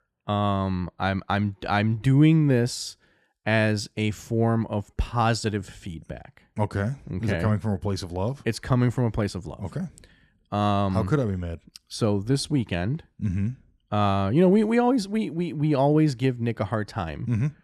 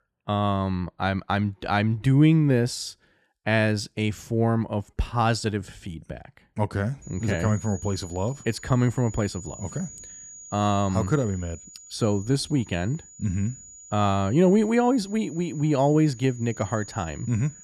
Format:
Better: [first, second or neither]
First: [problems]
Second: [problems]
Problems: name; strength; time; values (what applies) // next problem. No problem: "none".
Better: first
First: none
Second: high-pitched whine; noticeable; from 7 s on; 7 kHz, 20 dB below the speech